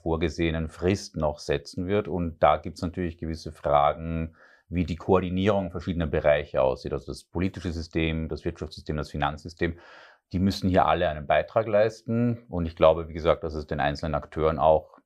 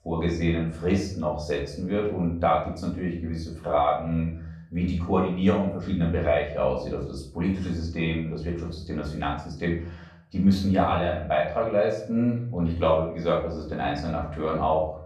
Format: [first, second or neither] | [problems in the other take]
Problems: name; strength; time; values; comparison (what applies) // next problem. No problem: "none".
first | off-mic speech; far // room echo; noticeable; dies away in 0.5 s